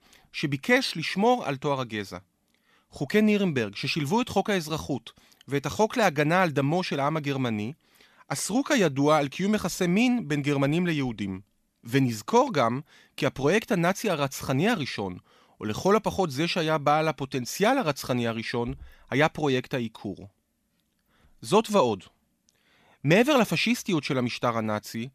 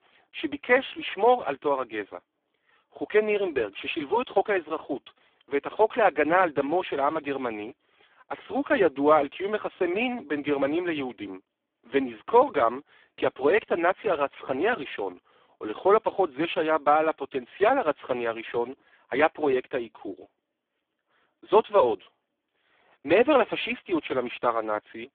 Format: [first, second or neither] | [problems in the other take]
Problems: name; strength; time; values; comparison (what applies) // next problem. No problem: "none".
first | phone-call audio; poor line